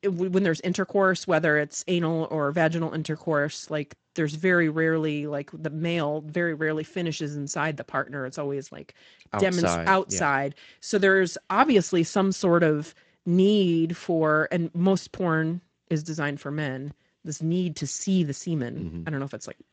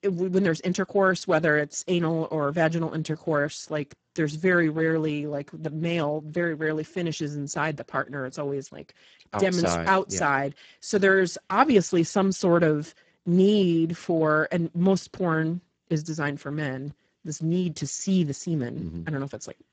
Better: first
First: garbled, watery; slightly; nothing above 7.5 kHz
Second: garbled, watery; badly; nothing above 7.5 kHz

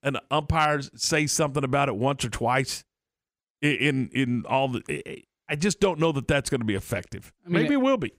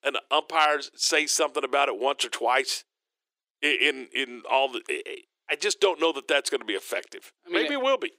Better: first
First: none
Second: thin; very; fading below 350 Hz

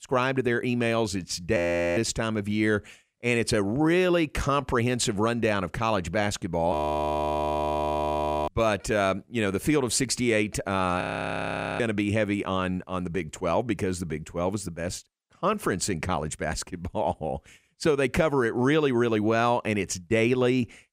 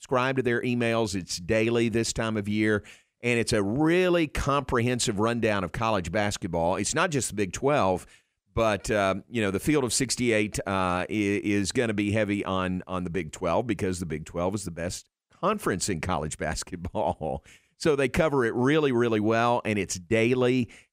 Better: second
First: audio freezing; at 1.5 s, at 6.5 s for 1.5 s and at 11 s for 1 s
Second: none

